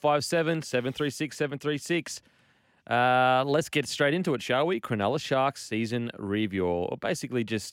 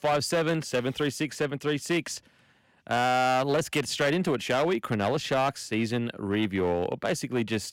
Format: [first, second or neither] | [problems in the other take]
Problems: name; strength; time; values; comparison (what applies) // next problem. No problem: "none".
first | distortion; slight; 8% of the sound clipped